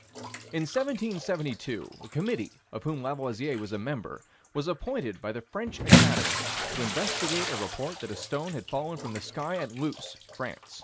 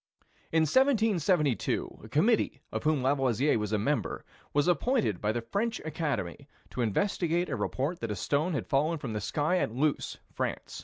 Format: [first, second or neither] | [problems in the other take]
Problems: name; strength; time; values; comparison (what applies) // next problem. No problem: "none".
second | background sound (Bathtub (filling or washing) / Splash, splatter); 2 dB above the speech